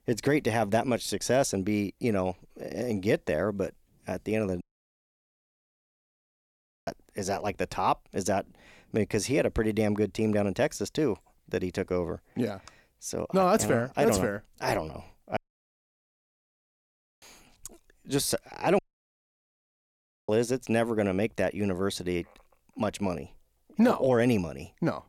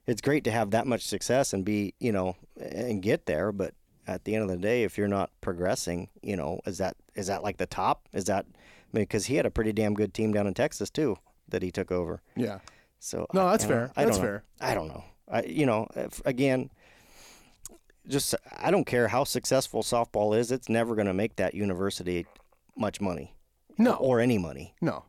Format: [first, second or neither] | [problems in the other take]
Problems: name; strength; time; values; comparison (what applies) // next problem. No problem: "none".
second | audio cutting out; at 4.5 s for 2.5 s, at 15 s for 2 s and at 19 s for 1.5 s